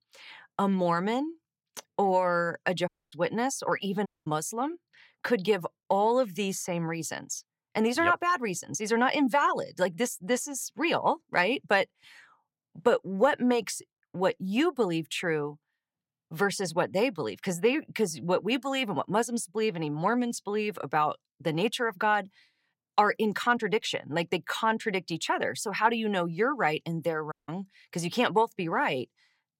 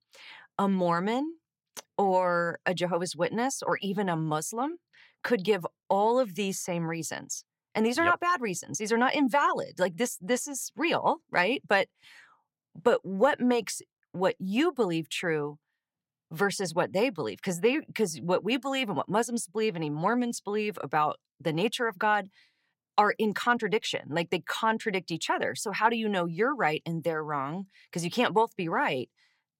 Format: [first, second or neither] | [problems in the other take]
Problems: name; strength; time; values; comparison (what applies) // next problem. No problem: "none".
second | audio cutting out; at 3 s, at 4 s and at 27 s